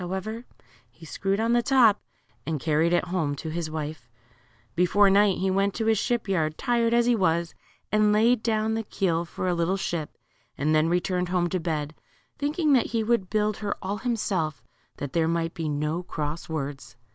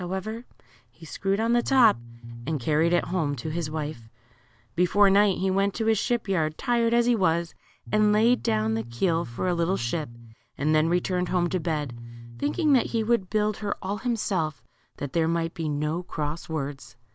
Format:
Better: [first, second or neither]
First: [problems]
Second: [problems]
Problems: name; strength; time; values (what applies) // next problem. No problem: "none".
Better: first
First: none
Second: background sound (Bass guitar); 12 dB below the speech